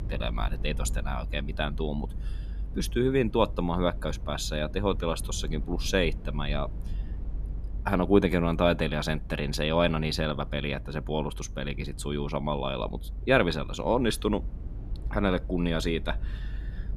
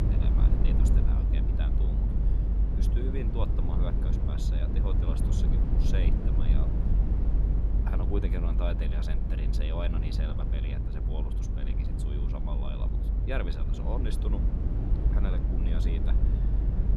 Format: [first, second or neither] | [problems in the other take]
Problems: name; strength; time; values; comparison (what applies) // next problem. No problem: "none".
first | low rumble; loud; throughout; as loud as the speech; faint in the first